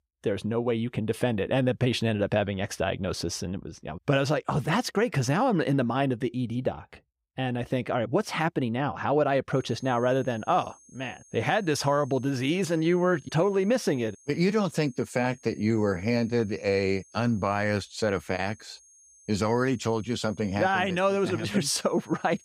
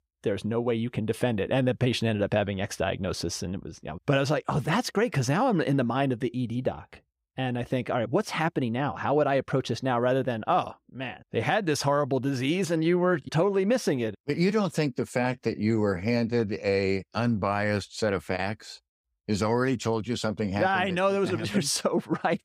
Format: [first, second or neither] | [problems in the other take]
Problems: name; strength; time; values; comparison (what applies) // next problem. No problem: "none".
second | high-pitched whine; faint; from 9.5 s on; 6.5 kHz, 25 dB below the speech